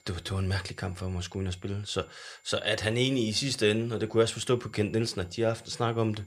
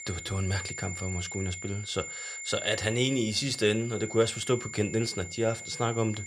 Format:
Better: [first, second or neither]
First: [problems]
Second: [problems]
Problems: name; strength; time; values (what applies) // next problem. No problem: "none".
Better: first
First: high-pitched whine; faint; throughout; 2 kHz, 35 dB below the speech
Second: high-pitched whine; loud; throughout; 2 kHz, 8 dB below the speech